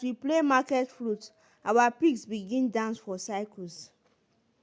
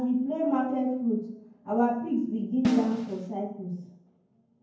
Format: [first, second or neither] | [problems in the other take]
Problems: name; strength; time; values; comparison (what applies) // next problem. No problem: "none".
first | background sound (Snare drum); 6 dB below the speech // room echo; dies away in 0.9 s